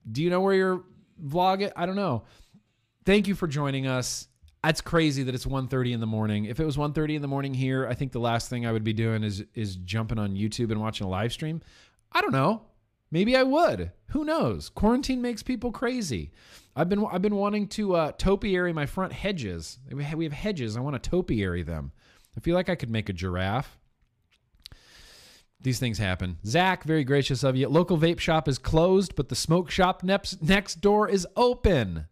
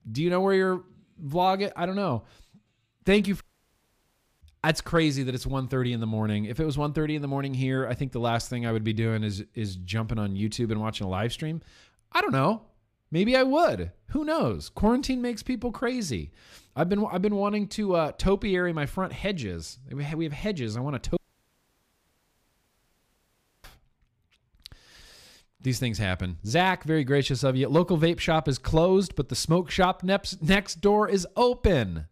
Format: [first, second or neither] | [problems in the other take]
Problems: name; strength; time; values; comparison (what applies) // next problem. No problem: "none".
first | audio cutting out; at 3.5 s for 1 s and at 21 s for 2.5 s